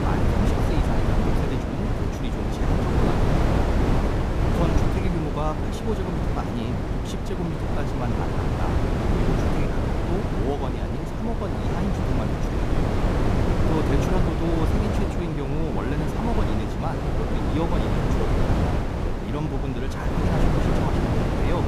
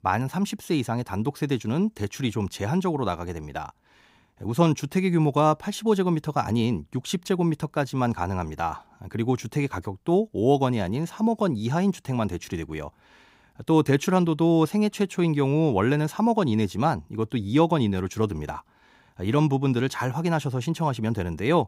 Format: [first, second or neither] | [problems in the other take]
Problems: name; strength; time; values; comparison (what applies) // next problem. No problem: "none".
second | wind noise on the microphone; heavy; 5 dB above the speech